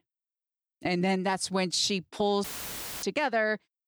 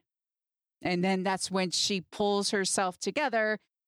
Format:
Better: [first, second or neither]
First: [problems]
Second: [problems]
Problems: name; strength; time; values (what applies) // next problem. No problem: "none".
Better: second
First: audio cutting out; filled with static; at 2.5 s for 0.5 s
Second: none